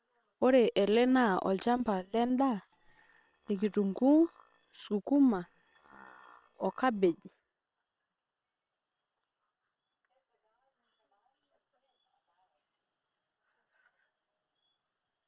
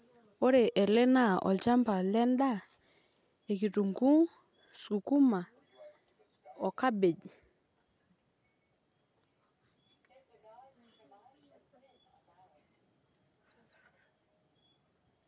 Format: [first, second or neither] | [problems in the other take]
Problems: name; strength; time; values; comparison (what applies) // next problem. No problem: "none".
second | noise reduction (neural separator model SepFormer WHAM!)